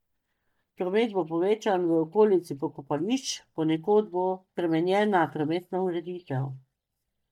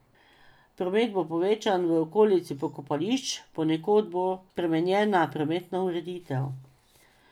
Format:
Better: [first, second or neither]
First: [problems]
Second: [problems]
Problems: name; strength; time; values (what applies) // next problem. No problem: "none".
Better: second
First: noise reduction (neural mask model DeepFilterNet 3)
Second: none